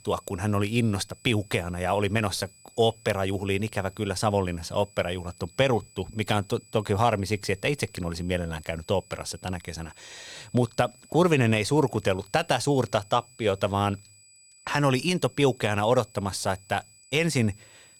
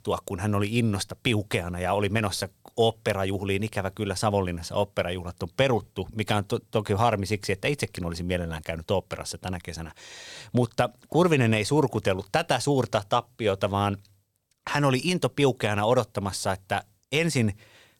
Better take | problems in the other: second | high-pitched whine; faint; throughout; 8 kHz, 25 dB below the speech

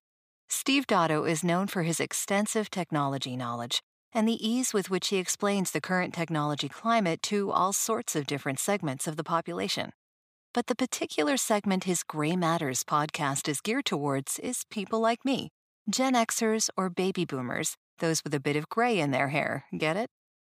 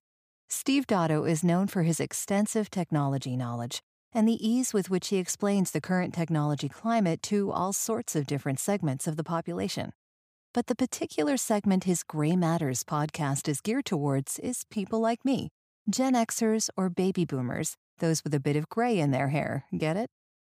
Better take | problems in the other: second | thin; very slightly; fading below 550 Hz

